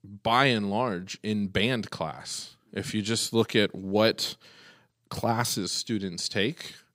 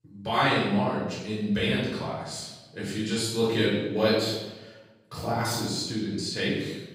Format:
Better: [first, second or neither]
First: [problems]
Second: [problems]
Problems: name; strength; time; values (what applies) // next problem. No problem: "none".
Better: first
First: none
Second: off-mic speech; far // room echo; noticeable; dies away in 0.9 s